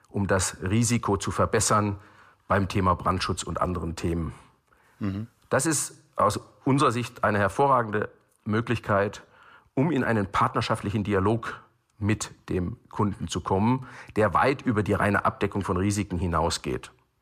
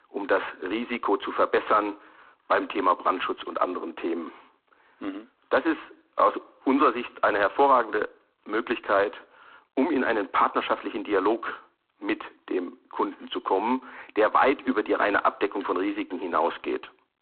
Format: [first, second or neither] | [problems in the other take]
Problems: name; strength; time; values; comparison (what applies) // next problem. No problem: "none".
first | phone-call audio; poor line; nothing above 4 kHz